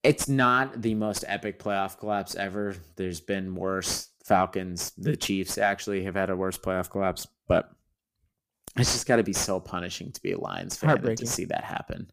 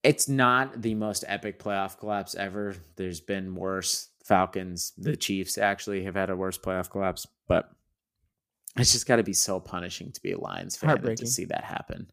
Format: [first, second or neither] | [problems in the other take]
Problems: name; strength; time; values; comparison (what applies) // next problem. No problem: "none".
second | distortion; slight; 10 dB below the speech